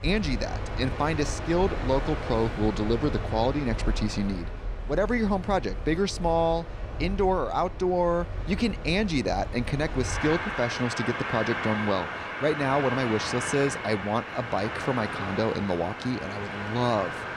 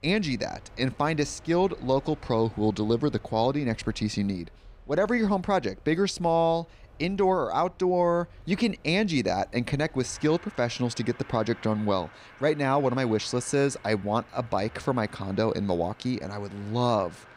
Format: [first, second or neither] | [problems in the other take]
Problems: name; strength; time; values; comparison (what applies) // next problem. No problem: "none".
second | train or aircraft noise; loud; throughout; 6 dB below the speech; faint in the second